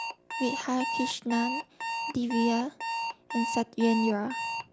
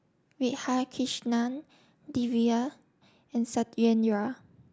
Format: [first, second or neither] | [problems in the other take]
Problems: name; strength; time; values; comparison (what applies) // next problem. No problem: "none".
second | background sound (Alarm); 4 dB below the speech